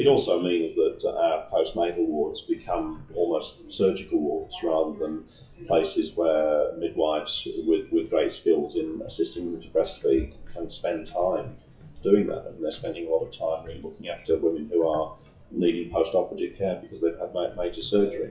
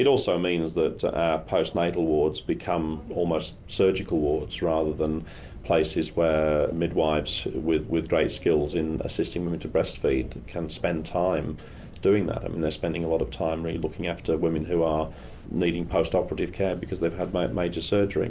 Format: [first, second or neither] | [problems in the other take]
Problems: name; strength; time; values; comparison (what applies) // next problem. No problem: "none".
second | noise reduction (classical method WPE with log-MMSE)